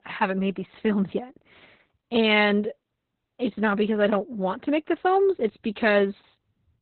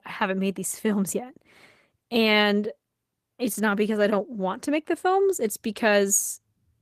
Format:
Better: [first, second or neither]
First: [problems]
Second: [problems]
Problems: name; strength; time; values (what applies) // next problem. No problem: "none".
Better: second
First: garbled, watery; badly; nothing above 4 kHz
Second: garbled, watery; slightly; nothing above 14.5 kHz